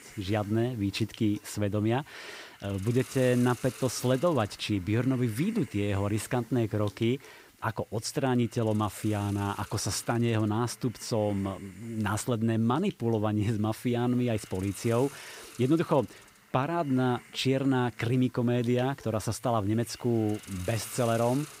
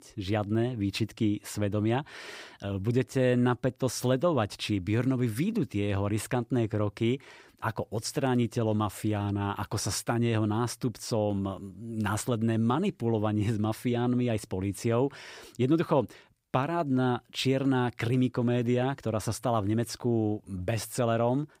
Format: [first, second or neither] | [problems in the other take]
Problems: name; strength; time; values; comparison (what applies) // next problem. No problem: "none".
second | hiss; noticeable; throughout; 20 dB below the speech